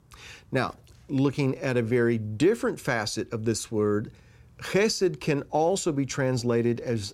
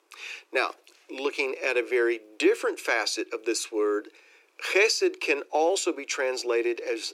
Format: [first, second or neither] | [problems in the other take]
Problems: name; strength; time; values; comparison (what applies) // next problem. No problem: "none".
first | thin; very; fading below 300 Hz